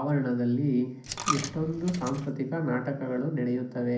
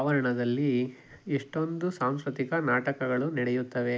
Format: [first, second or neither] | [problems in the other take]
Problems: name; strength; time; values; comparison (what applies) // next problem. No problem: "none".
second | background sound (Coin (dropping)); 10 dB below the speech // room echo; dies away in 0.6 s